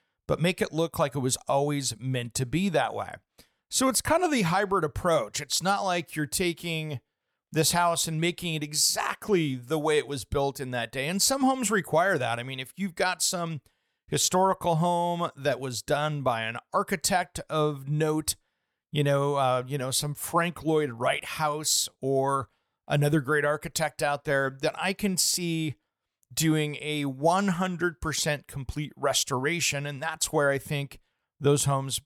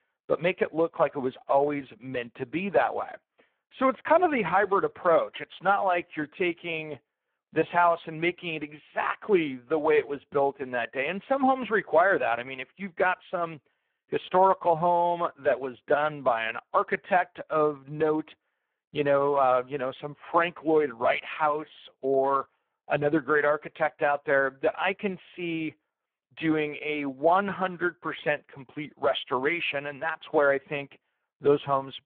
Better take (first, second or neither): first